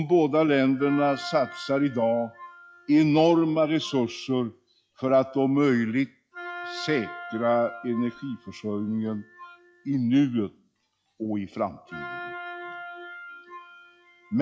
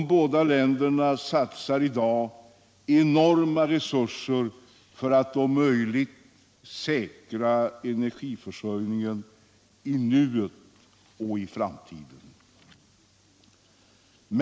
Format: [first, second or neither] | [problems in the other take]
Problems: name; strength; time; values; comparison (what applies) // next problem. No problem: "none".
second | noise reduction (classical method log-MMSE)